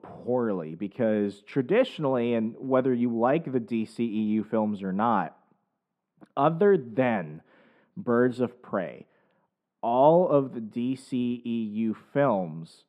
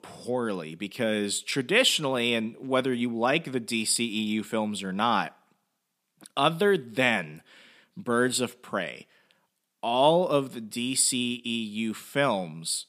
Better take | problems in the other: second | muffled; very; fading above 2.5 kHz

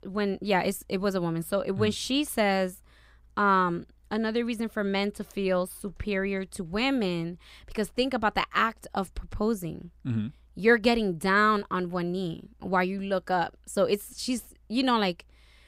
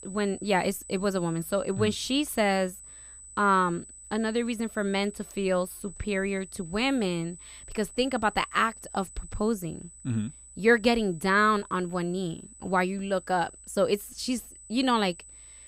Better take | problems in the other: first | high-pitched whine; noticeable; throughout; 8 kHz, 15 dB below the speech

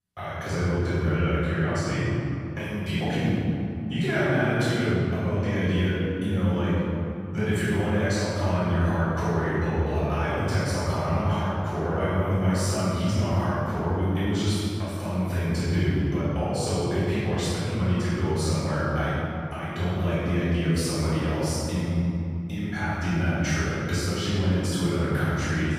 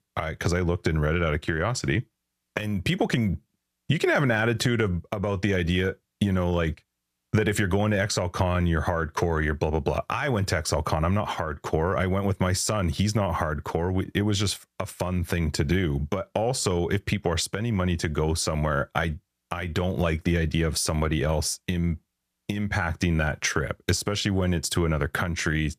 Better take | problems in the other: second | off-mic speech; far // room echo; strong; dies away in 2.8 s

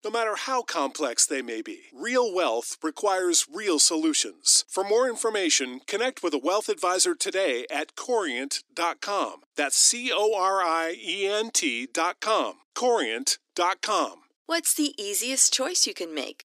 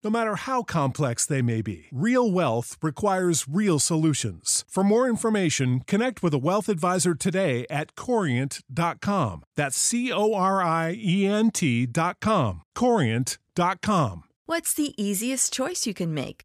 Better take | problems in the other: second | thin; somewhat; fading below 300 Hz

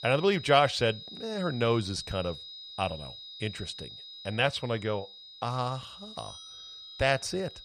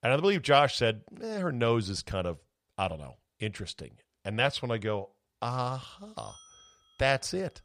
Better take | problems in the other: second | high-pitched whine; noticeable; throughout; 4 kHz, 15 dB below the speech

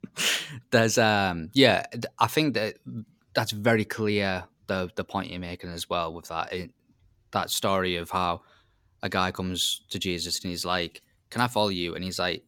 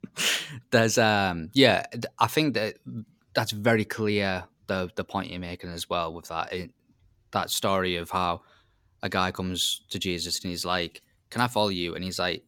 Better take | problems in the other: neither | none

